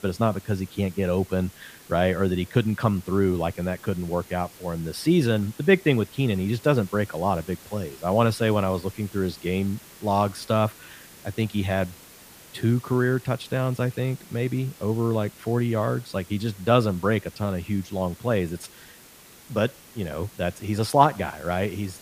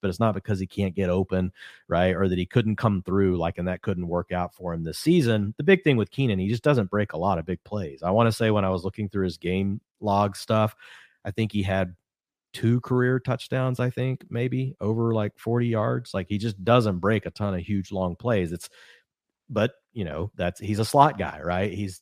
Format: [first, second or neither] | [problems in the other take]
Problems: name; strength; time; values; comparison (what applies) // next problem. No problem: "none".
second | hiss; faint; throughout; 20 dB below the speech